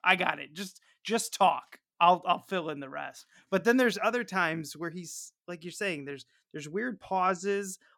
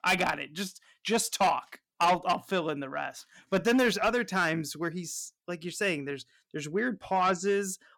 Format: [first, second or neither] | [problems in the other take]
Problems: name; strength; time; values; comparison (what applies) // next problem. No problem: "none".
first | distortion; heavy; 7 dB below the speech